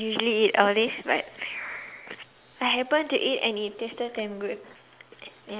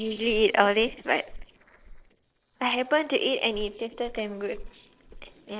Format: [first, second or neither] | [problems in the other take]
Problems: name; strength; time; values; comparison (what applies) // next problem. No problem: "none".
first | noise reduction (neural separator model SepFormer DNS4)